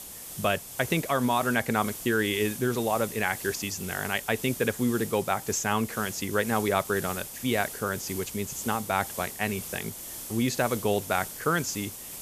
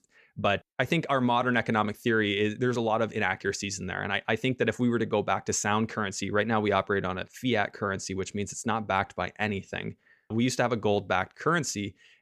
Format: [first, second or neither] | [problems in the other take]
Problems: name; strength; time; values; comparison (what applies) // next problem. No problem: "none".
second | hiss; loud; throughout; 9 dB below the speech